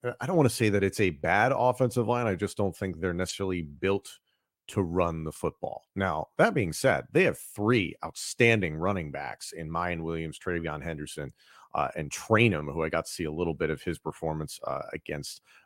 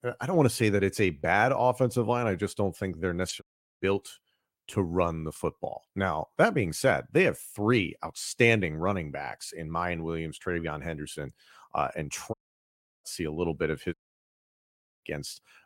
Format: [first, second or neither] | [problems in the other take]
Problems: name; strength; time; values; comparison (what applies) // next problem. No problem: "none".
first | audio cutting out; at 3.5 s, at 12 s for 0.5 s and at 14 s for 1 s